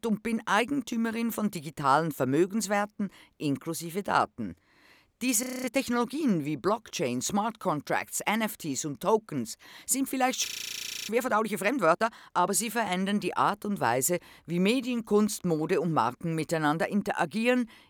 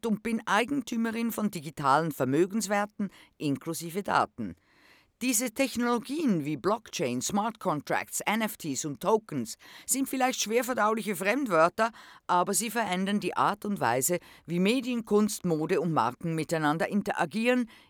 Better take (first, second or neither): second